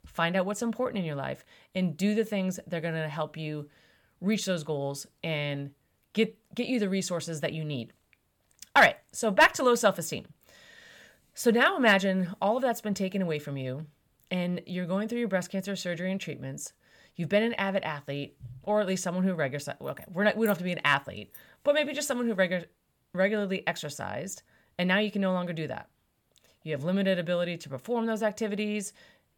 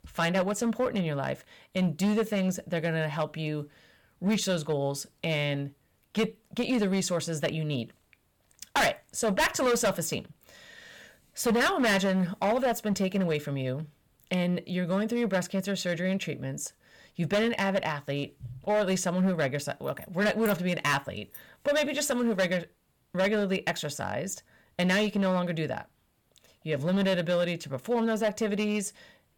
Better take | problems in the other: first | distortion; heavy; 7% of the sound clipped

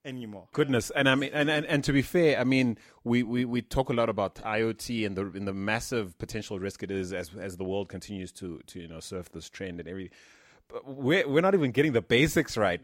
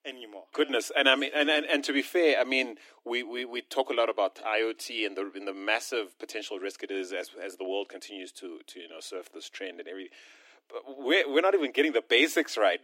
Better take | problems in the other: first | thin; somewhat; fading below 300 Hz

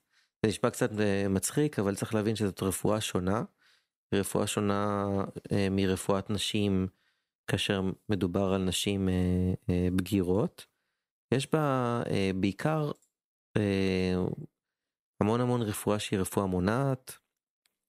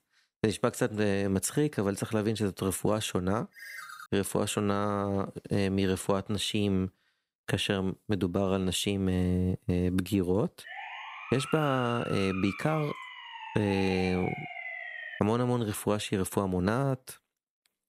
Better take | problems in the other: first | phone ringing; faint; at 3.5 s; peak 10 dB below the speech // siren; noticeable; from 11 to 15 s; peak 8 dB below the speech

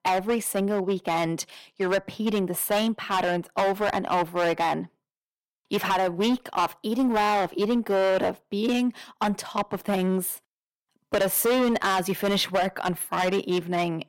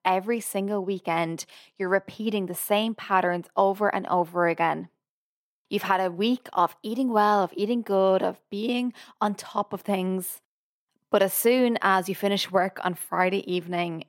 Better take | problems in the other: second | distortion; heavy; 12% of the sound clipped

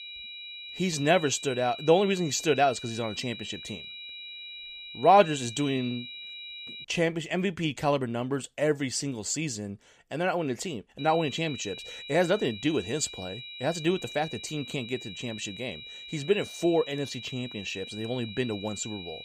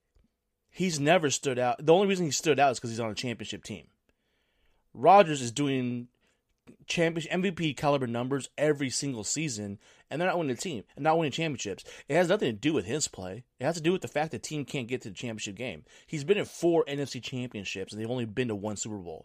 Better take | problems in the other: second | high-pitched whine; noticeable; until 7 s and from 11 s on; 4 kHz, 10 dB below the speech

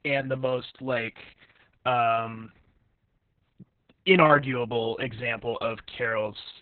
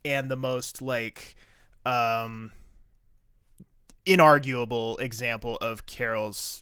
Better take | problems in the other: second | garbled, watery; badly; nothing above 4 kHz; slightly in the second

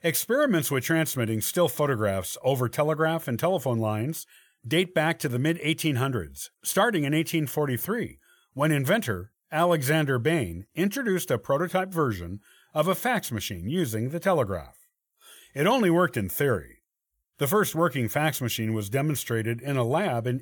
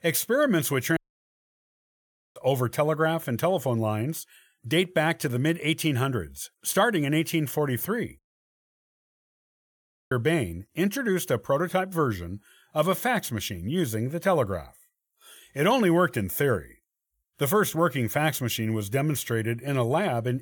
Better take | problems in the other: first | audio cutting out; at 1 s for 1.5 s and at 8 s for 2 s

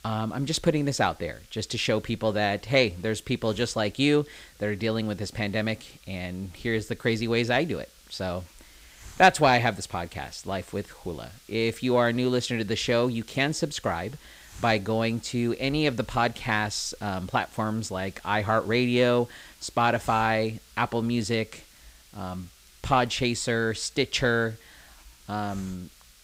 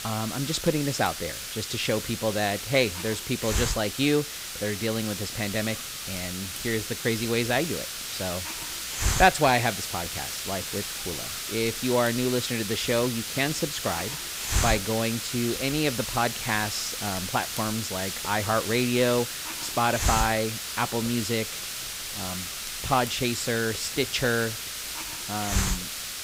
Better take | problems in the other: first | hiss; loud; throughout; 3 dB below the speech; faint in the first

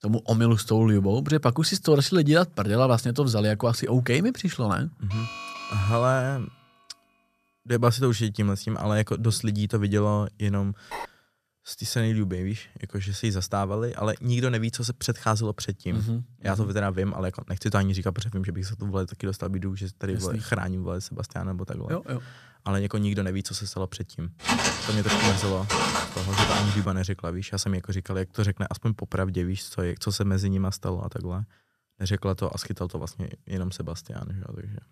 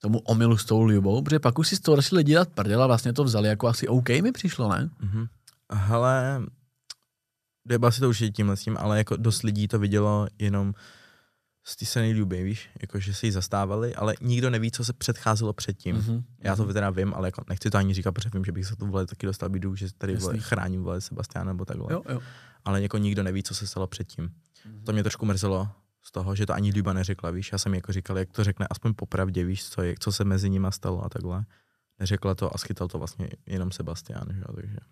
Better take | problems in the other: second | alarm; noticeable; from 5 to 6.5 s; peak 8 dB below the speech // phone ringing; faint; at 11 s; peak 10 dB below the speech // footsteps; loud; from 24 to 27 s; peak 3 dB above the speech

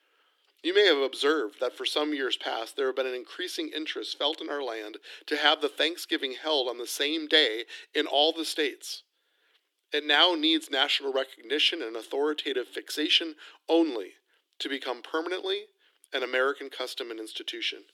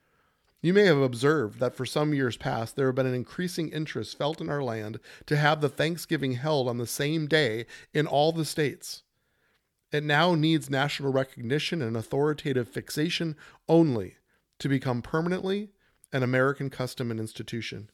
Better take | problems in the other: second | thin; somewhat; fading below 300 Hz

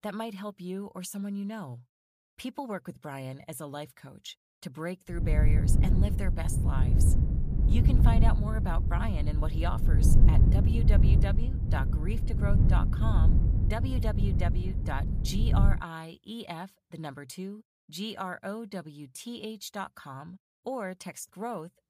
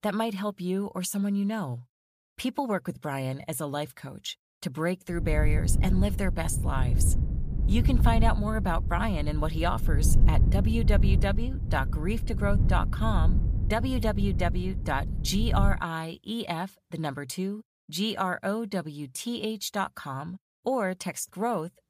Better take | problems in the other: second | wind noise on the microphone; heavy; from 5 to 16 s; 2 dB below the speech; occasional gusts in the second

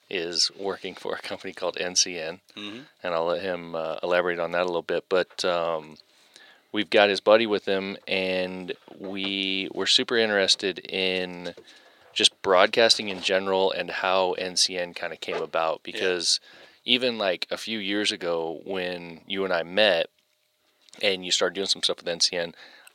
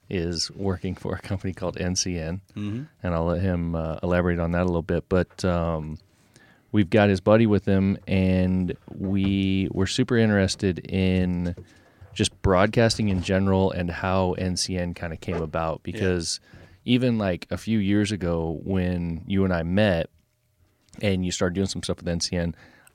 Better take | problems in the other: second | thin; very; fading below 500 Hz

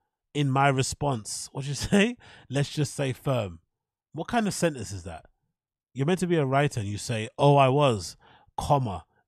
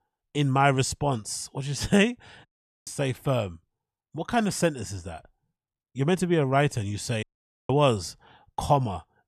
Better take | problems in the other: first | audio cutting out; at 2.5 s and at 7 s

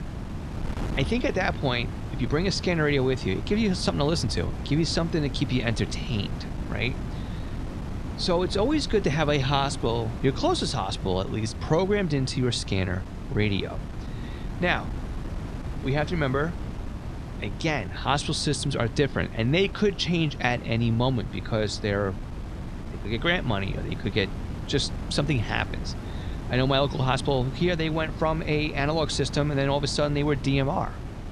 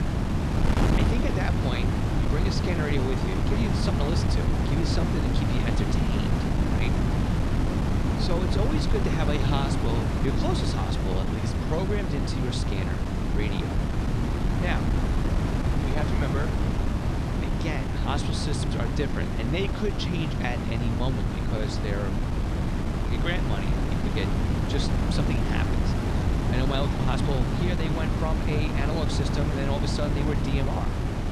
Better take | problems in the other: first | wind noise on the microphone; heavy; 1 dB above the speech; occasional gusts in the first

